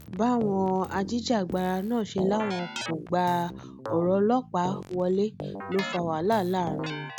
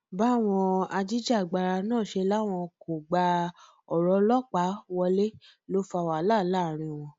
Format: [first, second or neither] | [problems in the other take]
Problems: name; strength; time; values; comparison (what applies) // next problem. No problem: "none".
second | background sound (Keyboard (musical)); 10 dB below the speech